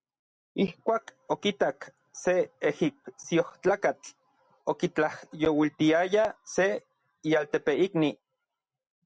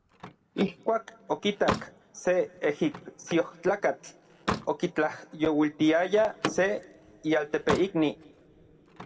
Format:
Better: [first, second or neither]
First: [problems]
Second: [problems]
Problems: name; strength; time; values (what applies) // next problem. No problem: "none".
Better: first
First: none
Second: background sound (Slam); 10 dB below the speech // room echo; dies away in 2.1 s